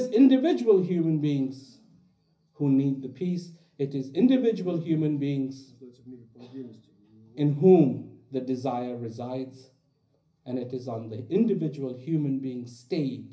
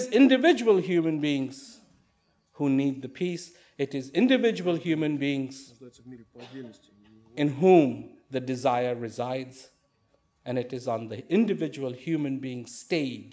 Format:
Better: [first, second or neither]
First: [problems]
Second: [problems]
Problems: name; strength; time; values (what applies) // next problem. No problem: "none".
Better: second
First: room echo; dies away in 0.5 s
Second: none